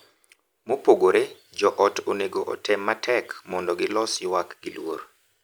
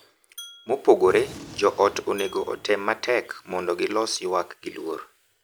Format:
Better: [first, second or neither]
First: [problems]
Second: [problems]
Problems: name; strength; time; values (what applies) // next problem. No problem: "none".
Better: first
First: none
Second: background sound (Glass + Gunshot, gunfire); 19 dB below the speech